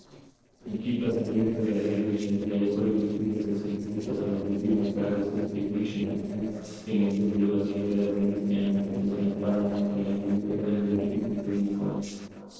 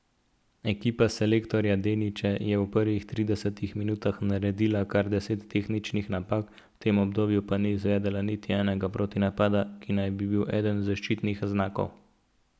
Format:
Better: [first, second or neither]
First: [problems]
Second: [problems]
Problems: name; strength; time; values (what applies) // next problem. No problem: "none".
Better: second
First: noise reduction (neural separator model SepFormer DNS4)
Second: none